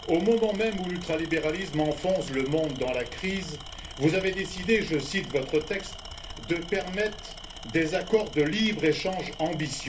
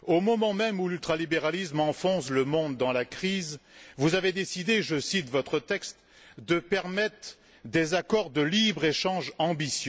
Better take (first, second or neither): second